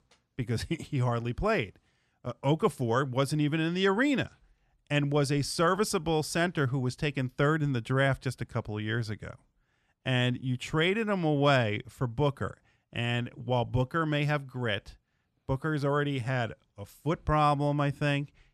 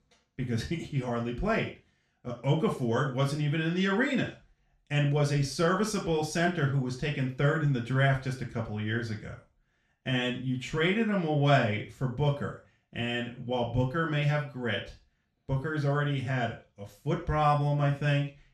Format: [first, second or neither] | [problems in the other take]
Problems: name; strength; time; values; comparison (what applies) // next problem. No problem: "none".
first | room echo; slight; dies away in 0.3 s // off-mic speech; far